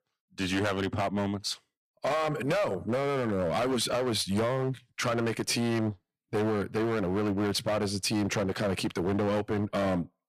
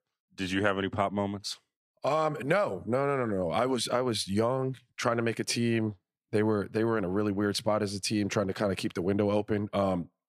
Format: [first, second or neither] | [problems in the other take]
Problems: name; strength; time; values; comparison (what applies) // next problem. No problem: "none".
second | distortion; heavy; 16% of the sound clipped